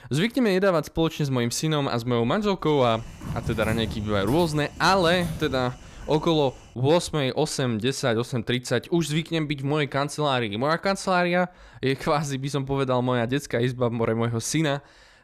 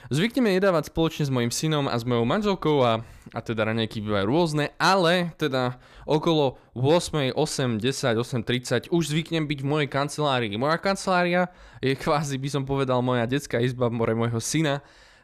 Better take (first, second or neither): second